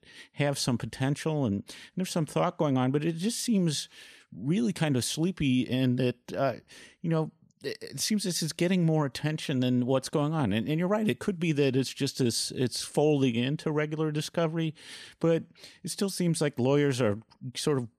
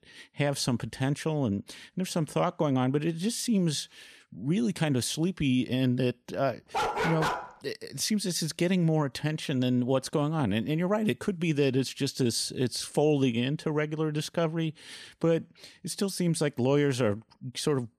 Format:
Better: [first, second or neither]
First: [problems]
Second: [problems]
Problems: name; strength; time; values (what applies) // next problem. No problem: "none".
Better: first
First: none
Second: dog barking; loud; at 6.5 s; peak level with the speech